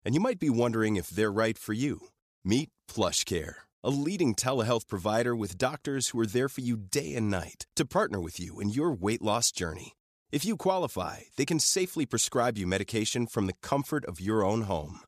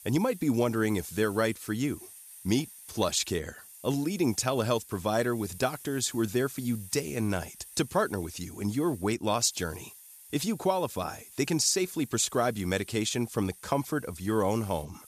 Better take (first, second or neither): first